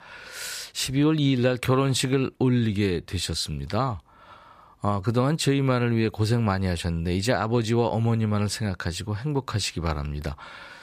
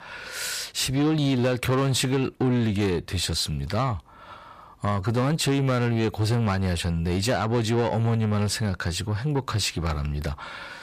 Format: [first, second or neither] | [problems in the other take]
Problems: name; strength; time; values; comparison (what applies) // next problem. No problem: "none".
first | distortion; slight; 10 dB below the speech